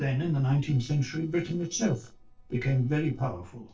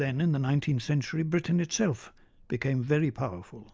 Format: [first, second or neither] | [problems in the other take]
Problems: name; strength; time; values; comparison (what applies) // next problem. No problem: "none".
second | noise reduction (neural separator model SepFormer DNS4)